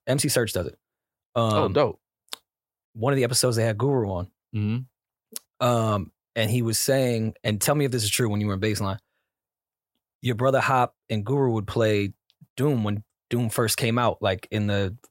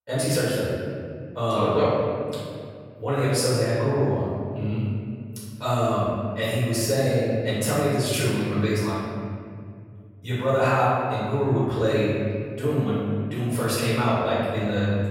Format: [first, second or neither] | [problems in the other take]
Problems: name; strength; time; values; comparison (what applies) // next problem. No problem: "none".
first | room echo; strong; dies away in 2.2 s // off-mic speech; far